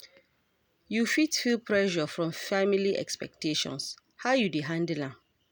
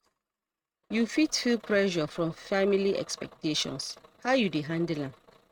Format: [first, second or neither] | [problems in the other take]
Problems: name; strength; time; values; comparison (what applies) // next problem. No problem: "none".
first | noise reduction (neural mask model RNNoise)